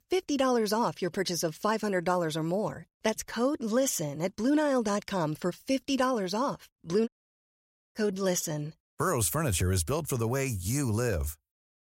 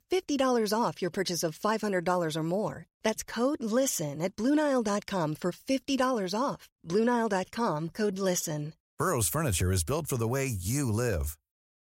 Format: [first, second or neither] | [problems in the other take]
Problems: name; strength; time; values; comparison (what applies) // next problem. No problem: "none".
second | audio cutting out; at 7 s for 1 s